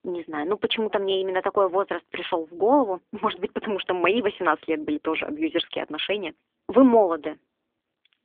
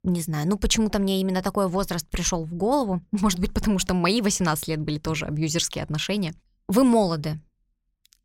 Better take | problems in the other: second | phone-call audio; nothing above 3.5 kHz

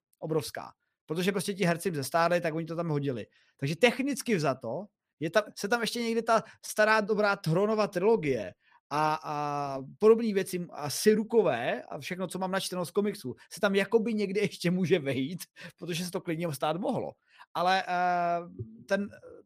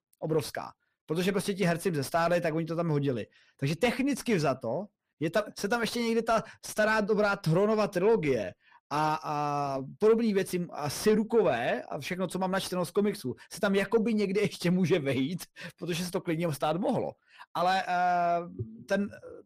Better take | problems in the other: first | distortion; slight; 10 dB below the speech

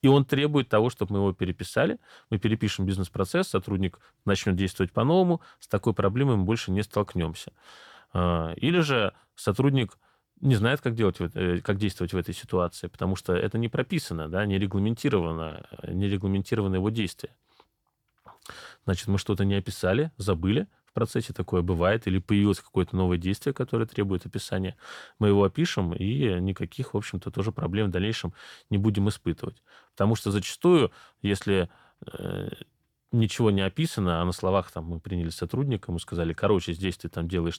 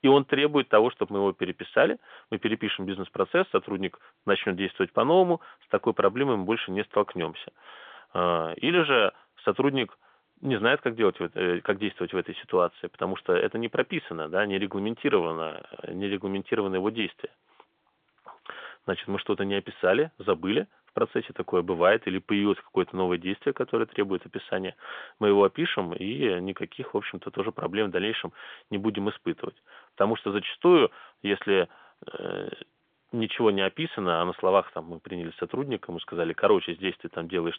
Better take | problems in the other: first | phone-call audio; nothing above 3.5 kHz

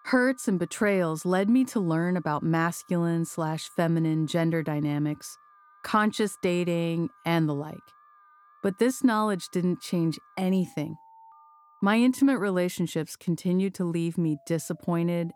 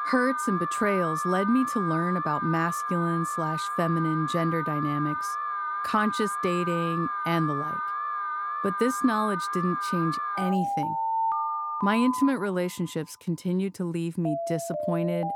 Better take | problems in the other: first | alarms or sirens; loud; throughout; 2 dB below the speech; faint in the first

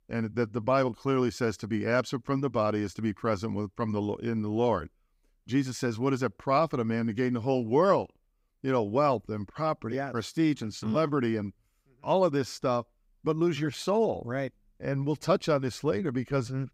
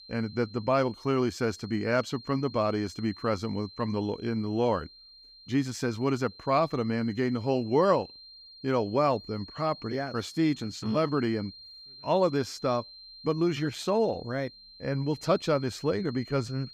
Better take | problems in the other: first | high-pitched whine; noticeable; throughout; 4 kHz, 20 dB below the speech

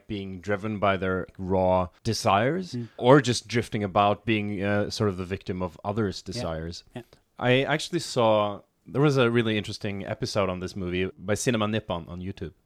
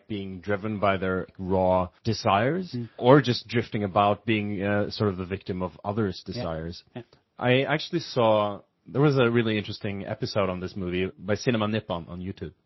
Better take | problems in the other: first | garbled, watery; slightly; nothing above 5.5 kHz

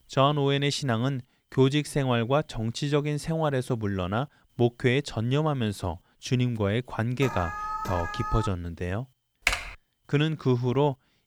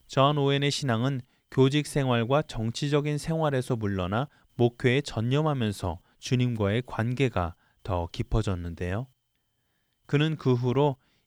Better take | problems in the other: second | alarm; noticeable; from 7 to 8.5 s; peak 5 dB below the speech // keyboard typing; loud; at 9.5 s; peak level with the speech

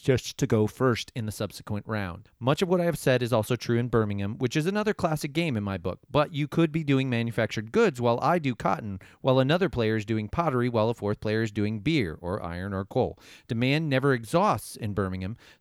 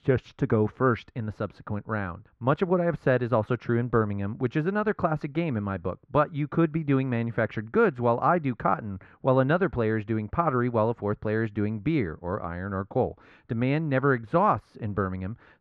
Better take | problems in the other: first | muffled; very; fading above 1.5 kHz

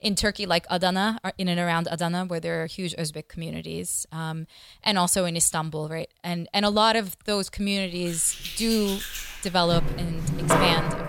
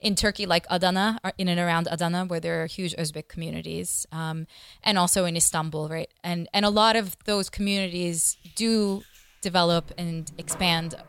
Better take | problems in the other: second | household noises; loud; from 8 s on; 3 dB below the speech; faint in the second

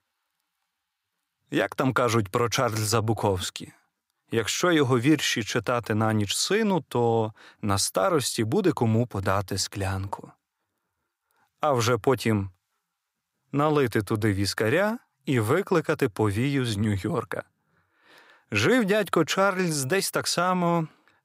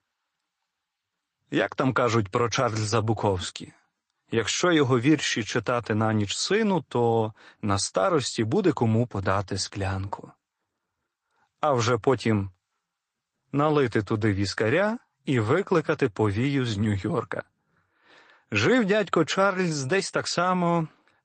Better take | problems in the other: first | garbled, watery; slightly; nothing above 8 kHz

